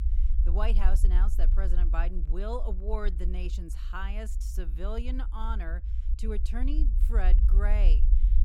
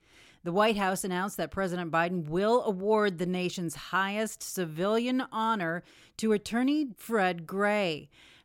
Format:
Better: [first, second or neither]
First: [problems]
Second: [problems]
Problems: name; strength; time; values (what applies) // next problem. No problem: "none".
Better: second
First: low rumble; noticeable; throughout; 10 dB below the speech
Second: none